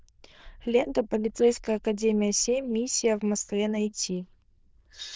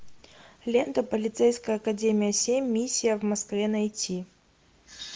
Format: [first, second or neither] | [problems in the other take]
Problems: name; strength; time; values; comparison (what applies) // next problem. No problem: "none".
second | noise reduction (neural diffusion model UNIVERSE++)